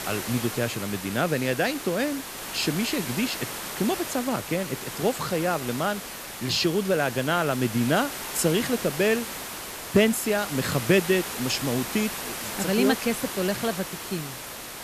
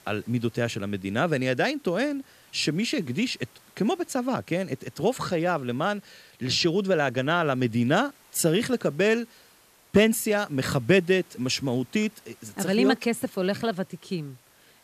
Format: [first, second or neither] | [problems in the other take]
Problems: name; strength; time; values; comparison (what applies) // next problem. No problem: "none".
second | hiss; loud; throughout; 7 dB below the speech; faint in the second